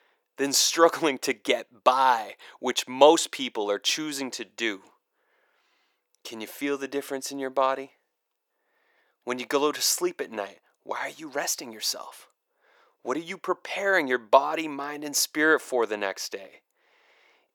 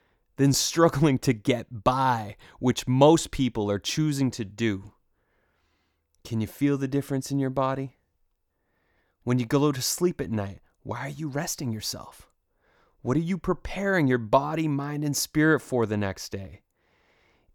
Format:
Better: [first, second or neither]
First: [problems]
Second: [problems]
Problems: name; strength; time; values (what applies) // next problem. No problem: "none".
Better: second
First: thin; somewhat; fading below 400 Hz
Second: none